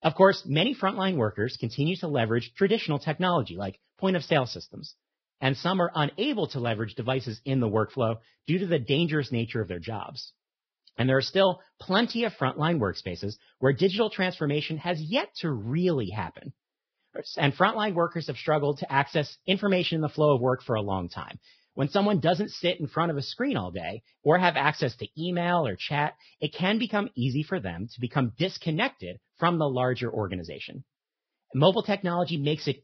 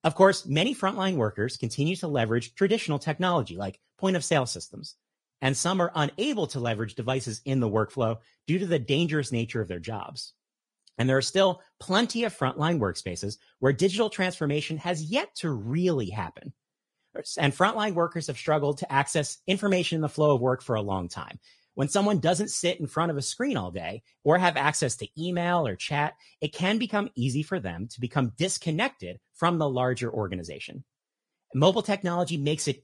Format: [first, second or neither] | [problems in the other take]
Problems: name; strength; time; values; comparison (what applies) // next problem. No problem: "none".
second | garbled, watery; badly; nothing above 5.5 kHz; slightly in the second